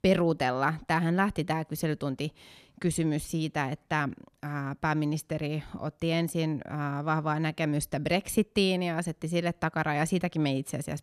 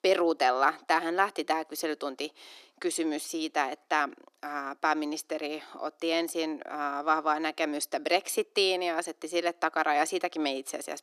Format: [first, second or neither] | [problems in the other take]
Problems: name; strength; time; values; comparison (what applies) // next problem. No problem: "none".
first | thin; very; fading below 300 Hz